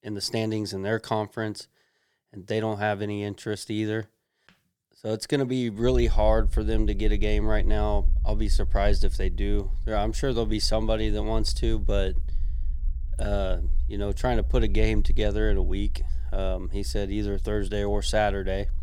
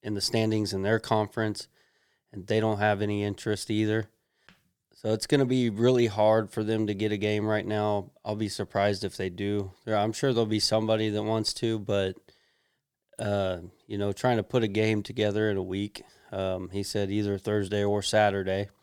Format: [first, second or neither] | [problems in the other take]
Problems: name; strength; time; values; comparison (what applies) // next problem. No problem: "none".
second | low rumble; faint; from 6 s on; 25 dB below the speech